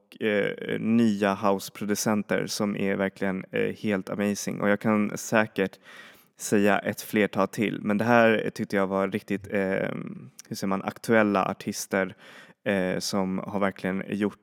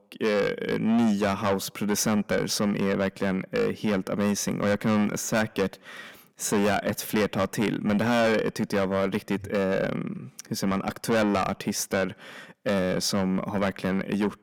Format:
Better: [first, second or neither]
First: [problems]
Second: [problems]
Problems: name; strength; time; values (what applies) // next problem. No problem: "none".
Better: first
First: none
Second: distortion; heavy; 6 dB below the speech